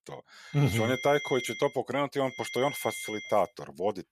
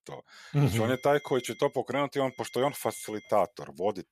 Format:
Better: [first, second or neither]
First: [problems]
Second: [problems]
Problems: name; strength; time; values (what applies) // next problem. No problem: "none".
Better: second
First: high-pitched whine; loud; from 0.5 to 1.5 s and from 2.5 to 3.5 s; 2 kHz, 8 dB below the speech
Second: high-pitched whine; faint; from 0.5 to 1.5 s and from 2.5 to 3.5 s; 2 kHz, 20 dB below the speech